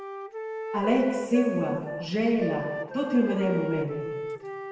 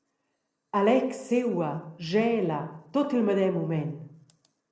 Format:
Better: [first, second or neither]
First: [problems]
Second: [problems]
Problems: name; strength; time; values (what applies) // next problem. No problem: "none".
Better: second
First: background sound (Wind instrument, woodwind instrument); 7 dB below the speech // room echo; dies away in 1.3 s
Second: none